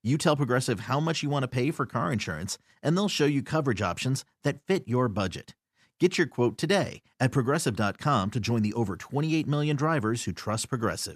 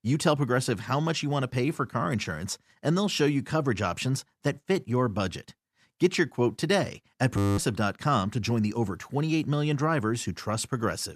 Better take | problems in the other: first | audio freezing; at 7.5 s

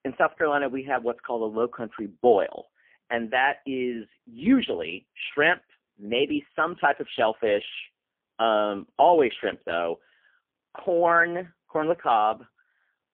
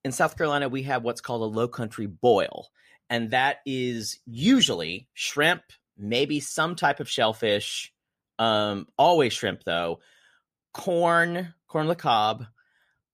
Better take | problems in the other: second | phone-call audio; poor line; nothing above 3.5 kHz

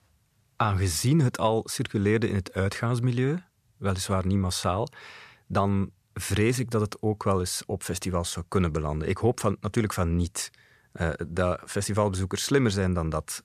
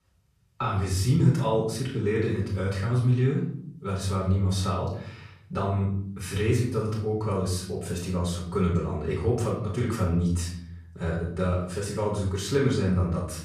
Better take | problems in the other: first | off-mic speech; far // room echo; noticeable; dies away in 0.8 s

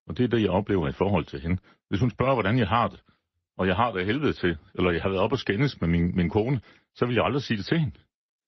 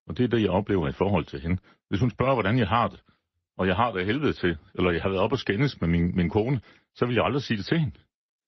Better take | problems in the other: neither | garbled, watery; slightly; nothing above 5.5 kHz; the same in both

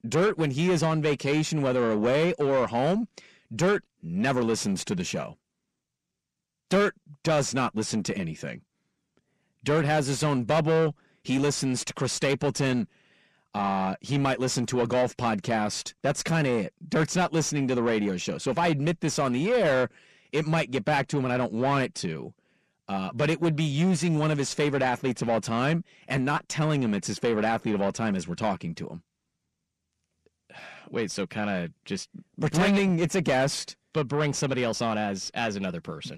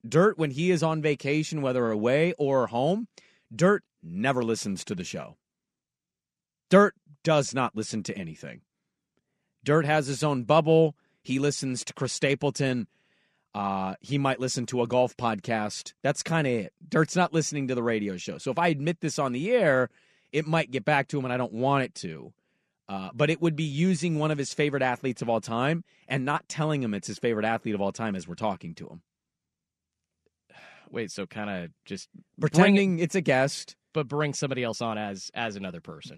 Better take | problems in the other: second | distortion; heavy; 8 dB below the speech

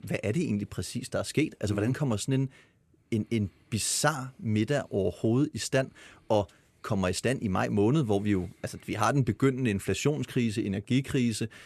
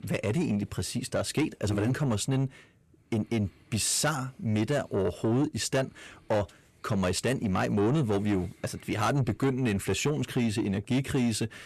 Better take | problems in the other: first | distortion; slight; 10 dB below the speech

